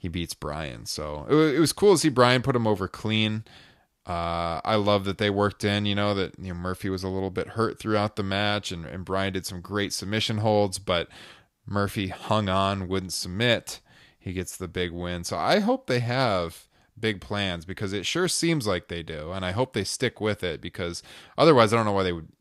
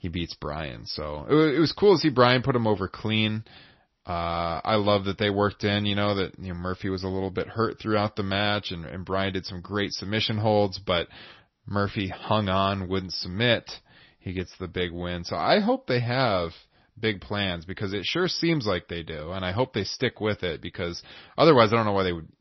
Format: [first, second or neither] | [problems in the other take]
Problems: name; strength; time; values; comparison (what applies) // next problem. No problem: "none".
first | garbled, watery; slightly; nothing above 5.5 kHz